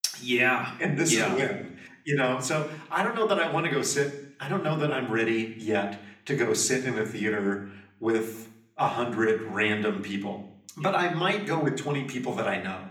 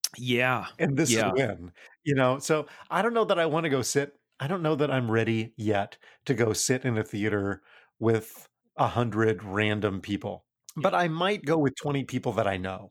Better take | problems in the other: second | room echo; very slight; dies away in 0.6 s

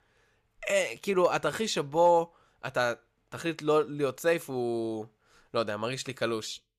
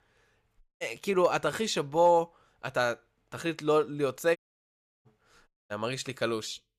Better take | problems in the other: first | audio cutting out; at 0.5 s, at 4.5 s for 0.5 s and at 5.5 s

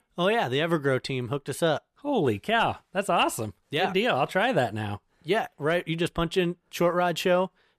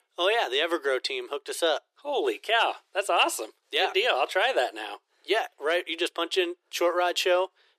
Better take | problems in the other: first | thin; very; fading below 350 Hz

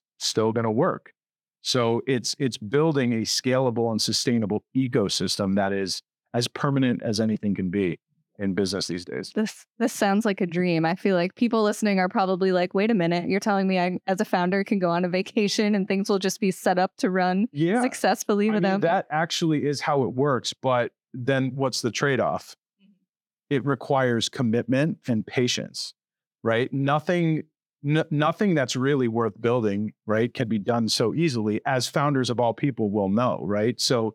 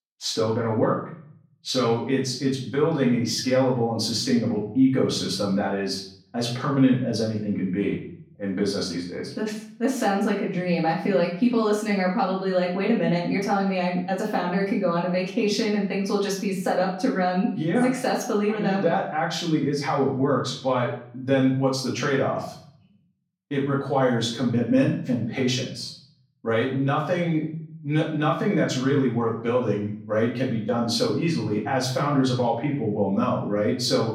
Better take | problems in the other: first | off-mic speech; far // room echo; slight; dies away in 0.5 s

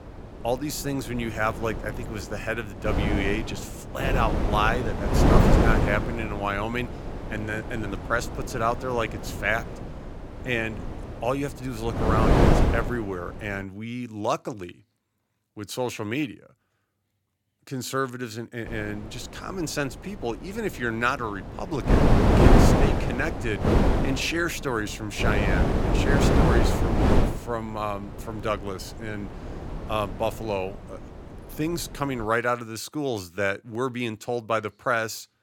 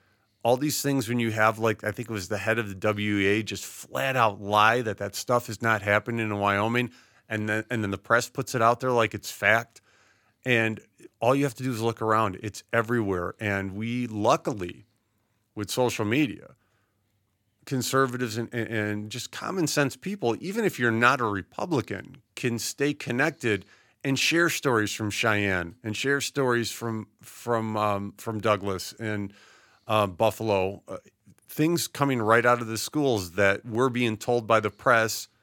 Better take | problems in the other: second | wind noise on the microphone; heavy; until 14 s and from 19 to 32 s; 1 dB above the speech

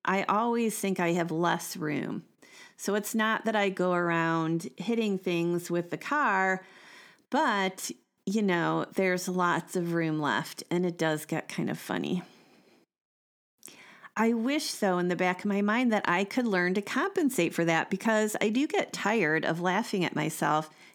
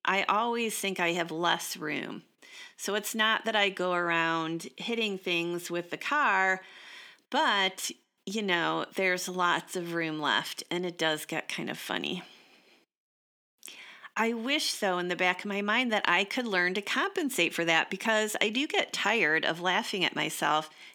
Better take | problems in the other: first | thin; very slightly; fading below 450 Hz

